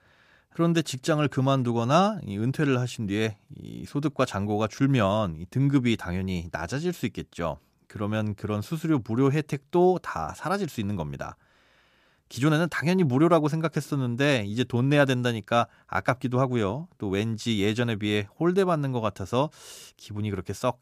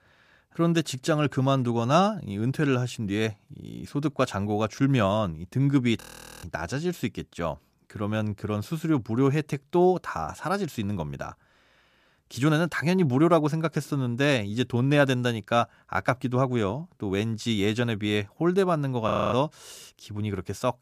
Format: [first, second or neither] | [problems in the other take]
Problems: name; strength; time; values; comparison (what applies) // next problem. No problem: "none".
first | audio freezing; at 6 s and at 19 s